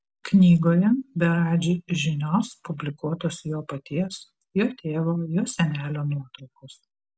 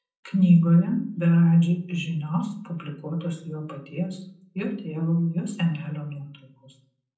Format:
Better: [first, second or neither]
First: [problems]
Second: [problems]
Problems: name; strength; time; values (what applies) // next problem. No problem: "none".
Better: first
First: none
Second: room echo; dies away in 0.6 s